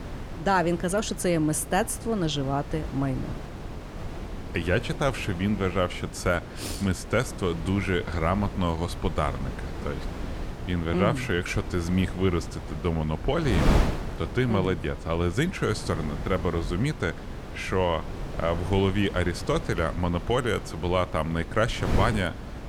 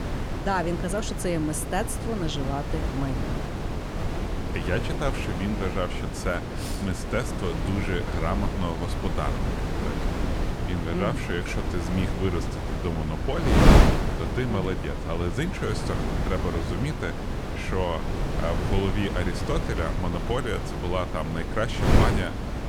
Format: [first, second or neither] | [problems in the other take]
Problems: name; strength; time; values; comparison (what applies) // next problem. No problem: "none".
first | wind noise on the microphone; heavy; 1 dB below the speech; occasional gusts in the first